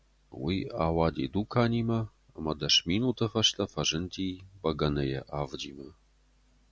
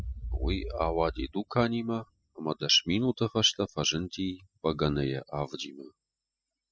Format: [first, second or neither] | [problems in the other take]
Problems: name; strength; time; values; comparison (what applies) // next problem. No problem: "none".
first | noise reduction (classical method spectral subtraction)